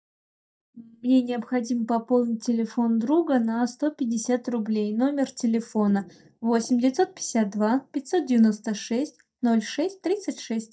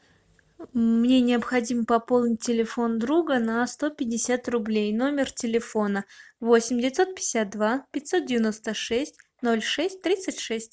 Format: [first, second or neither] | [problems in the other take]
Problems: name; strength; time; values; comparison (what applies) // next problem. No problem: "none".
second | noise reduction (neural mask model DeepFilterNet 3)